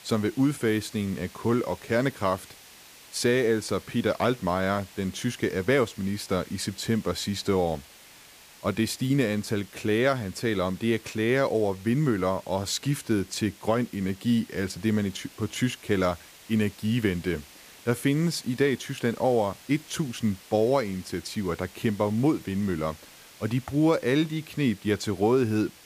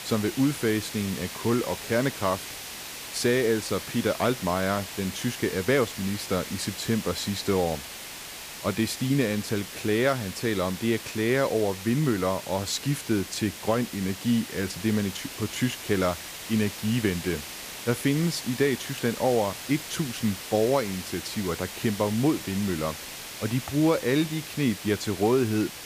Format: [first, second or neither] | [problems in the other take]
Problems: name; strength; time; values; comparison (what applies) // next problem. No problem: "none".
first | hiss; loud; throughout; 9 dB below the speech; faint in the first